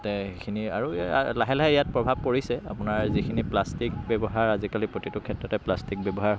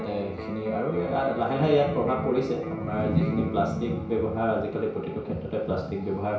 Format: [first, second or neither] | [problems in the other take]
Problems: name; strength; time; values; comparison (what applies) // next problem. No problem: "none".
first | background sound (Electric guitar); 11 dB below the speech // room echo; dies away in 0.6 s